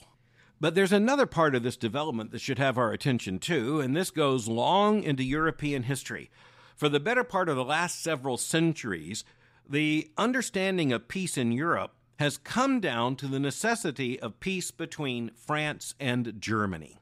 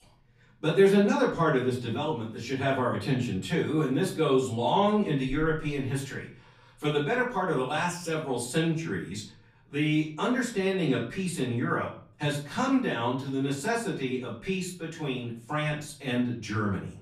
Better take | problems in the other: first | off-mic speech; far // room echo; slight; dies away in 0.4 s

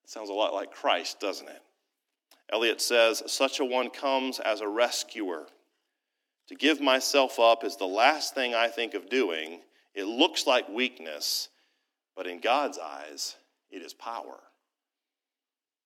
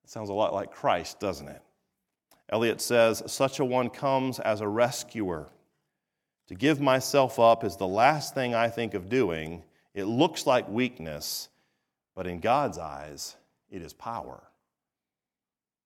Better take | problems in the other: second | thin; very slightly; fading below 250 Hz

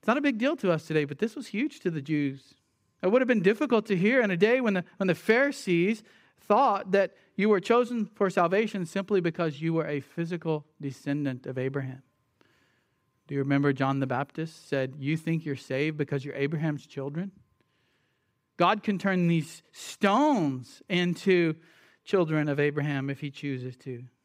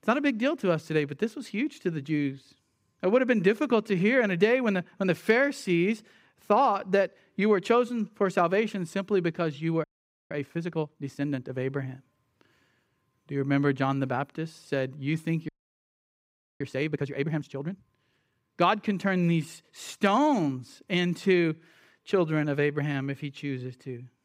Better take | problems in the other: first | audio freezing; at 10 s and at 15 s for 1 s

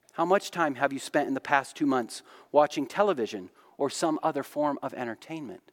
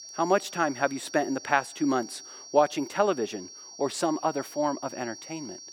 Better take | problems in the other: first | high-pitched whine; noticeable; throughout; 5.5 kHz, 15 dB below the speech

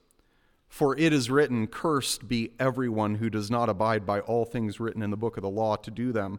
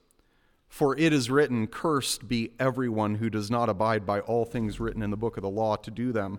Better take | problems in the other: first | household noises; very faint; from 5 s on; 20 dB below the speech

